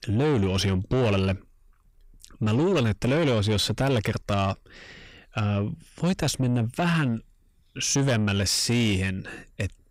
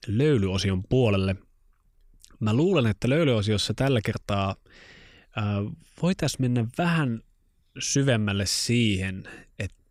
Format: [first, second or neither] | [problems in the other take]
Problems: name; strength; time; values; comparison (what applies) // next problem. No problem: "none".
second | distortion; slight; 10 dB below the speech